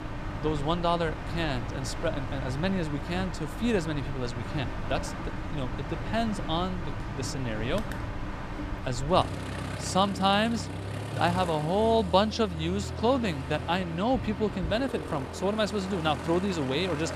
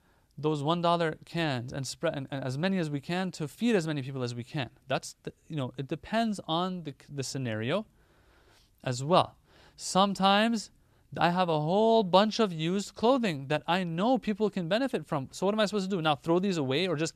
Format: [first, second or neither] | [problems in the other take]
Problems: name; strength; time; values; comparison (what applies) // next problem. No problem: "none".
second | train or aircraft noise; loud; throughout; 7 dB below the speech